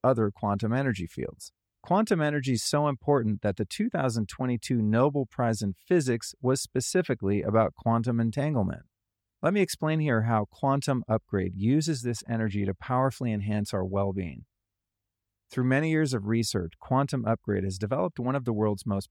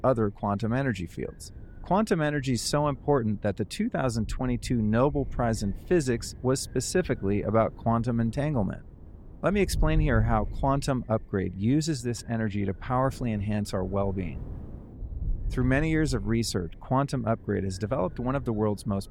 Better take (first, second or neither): first